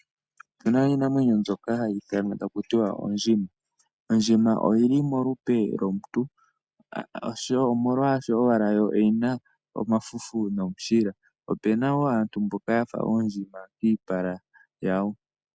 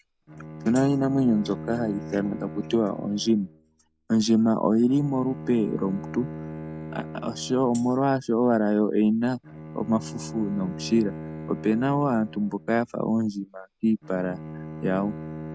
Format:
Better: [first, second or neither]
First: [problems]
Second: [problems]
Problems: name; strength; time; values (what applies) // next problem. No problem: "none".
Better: first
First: none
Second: background sound (Bowed string instrument + Tambourine); 13 dB below the speech